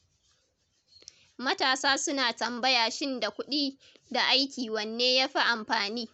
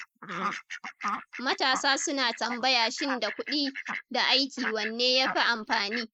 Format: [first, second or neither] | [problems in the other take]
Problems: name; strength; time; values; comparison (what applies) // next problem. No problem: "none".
first | noise reduction (neural mask model Resemble Enhance denoiser)